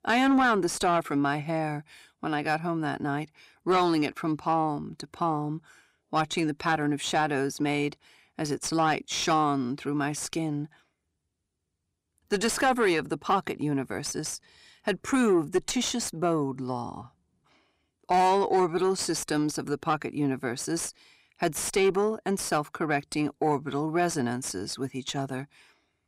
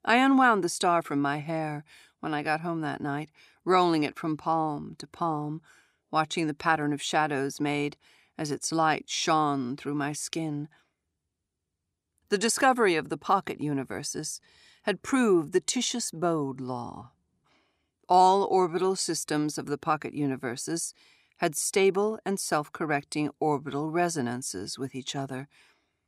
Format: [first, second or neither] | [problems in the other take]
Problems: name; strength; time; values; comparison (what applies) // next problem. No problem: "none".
second | distortion; slight; 10 dB below the speech